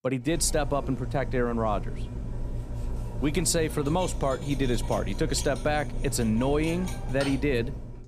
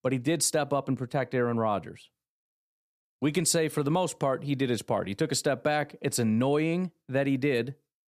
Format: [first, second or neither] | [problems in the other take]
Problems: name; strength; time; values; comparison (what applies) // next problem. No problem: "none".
second | clattering dishes; noticeable; peak 6 dB below the speech